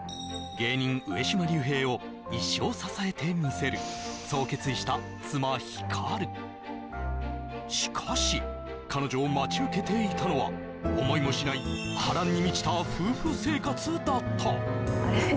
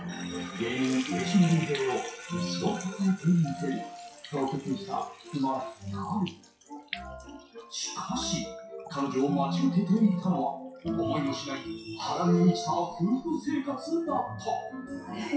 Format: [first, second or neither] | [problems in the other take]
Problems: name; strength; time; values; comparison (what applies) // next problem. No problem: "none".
first | noise reduction (classical method WPE with log-MMSE)